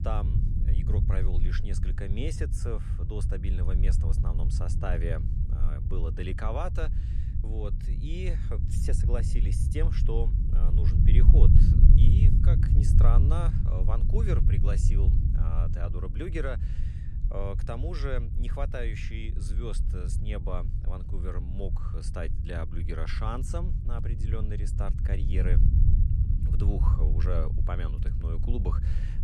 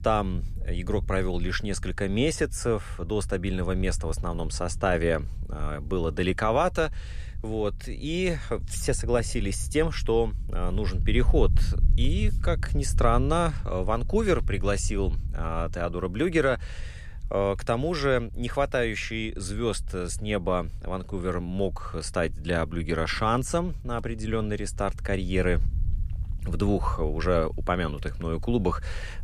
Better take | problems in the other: second | low rumble; loud; throughout; 3 dB below the speech; faint in the second

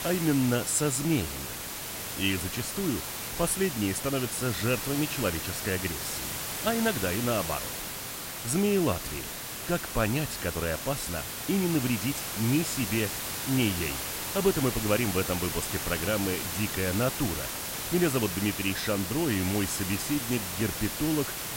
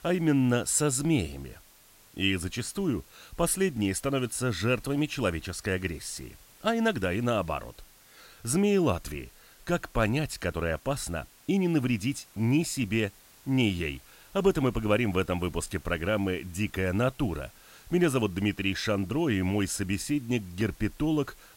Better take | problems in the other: second | hiss; loud; throughout; 3 dB below the speech; faint in the second

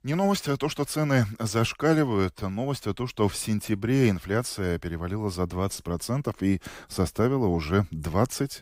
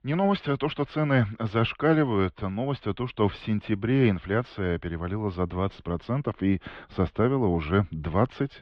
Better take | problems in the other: first | muffled; very; fading above 3.5 kHz

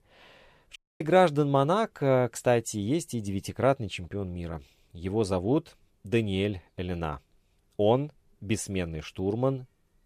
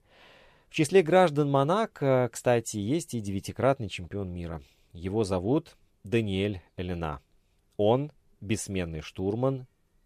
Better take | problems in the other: second | audio cutting out; at 1 s

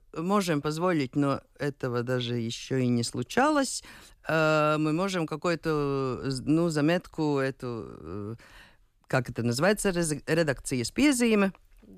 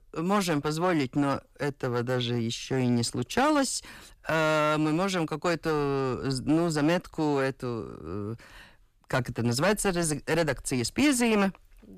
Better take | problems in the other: first | distortion; slight; 8% of the sound clipped

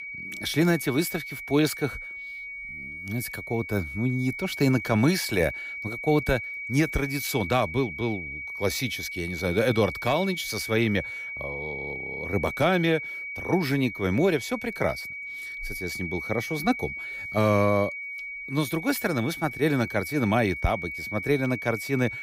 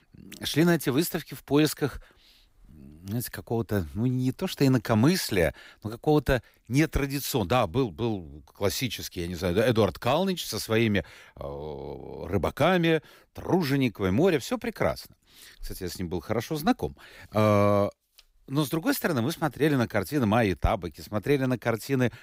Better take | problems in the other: second | high-pitched whine; loud; throughout; 2.5 kHz, 7 dB below the speech

